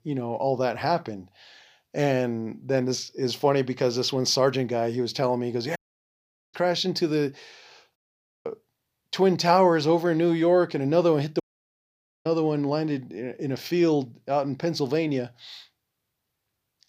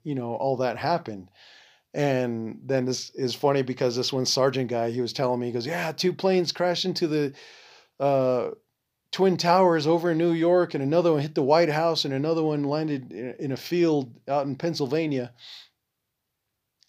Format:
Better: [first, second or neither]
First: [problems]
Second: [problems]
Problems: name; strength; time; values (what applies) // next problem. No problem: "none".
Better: second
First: audio cutting out; at 6 s for 1 s, at 8 s and at 11 s for 1 s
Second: none